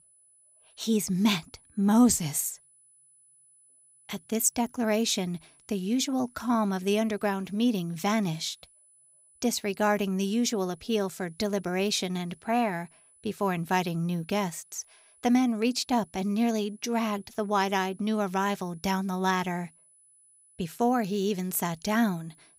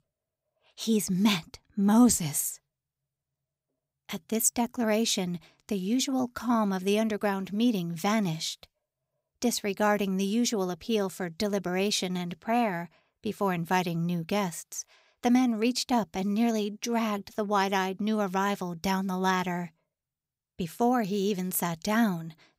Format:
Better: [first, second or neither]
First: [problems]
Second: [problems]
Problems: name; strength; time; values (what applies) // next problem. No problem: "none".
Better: second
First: high-pitched whine; faint; throughout; 10 kHz, 30 dB below the speech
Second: none